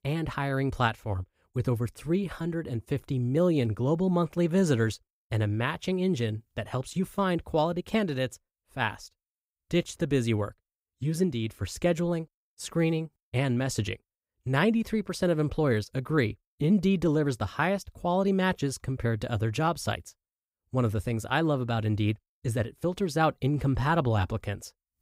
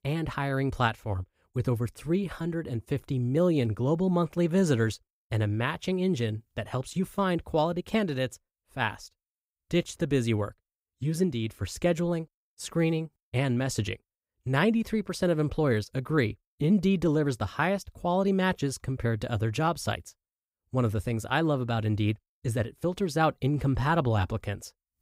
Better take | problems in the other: neither | none

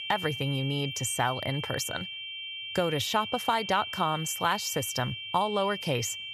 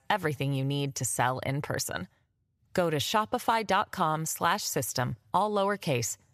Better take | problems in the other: second | high-pitched whine; loud; throughout; 3 kHz, 6 dB below the speech

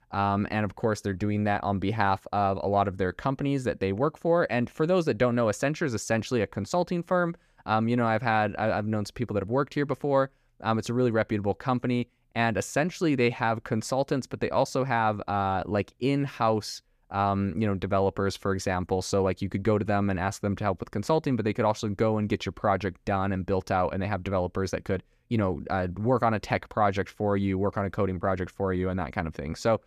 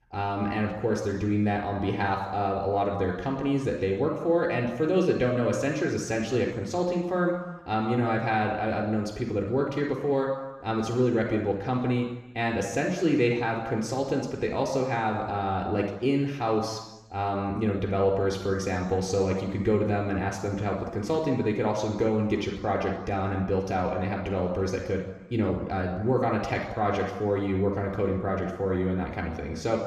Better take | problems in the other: first | room echo; noticeable; dies away in 1 s // off-mic speech; somewhat distant

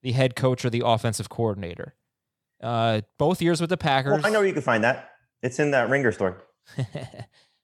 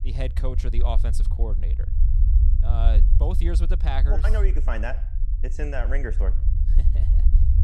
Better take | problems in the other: first | low rumble; loud; throughout; 9 dB below the speech

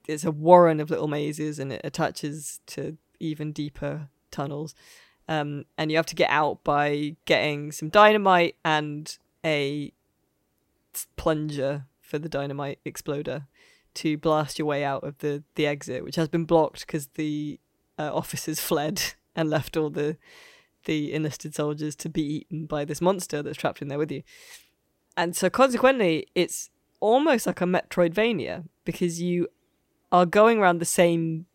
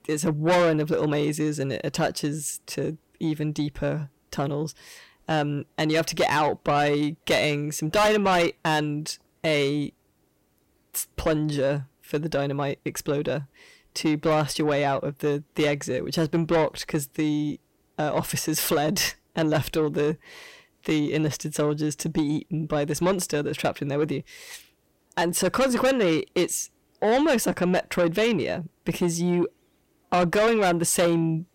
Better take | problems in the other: first | distortion; heavy; 6 dB below the speech

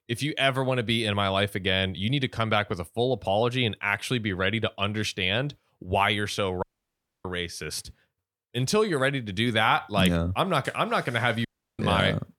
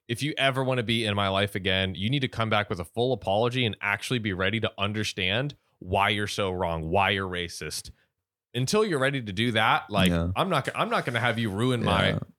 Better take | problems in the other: second | audio cutting out; at 6.5 s for 0.5 s and at 11 s

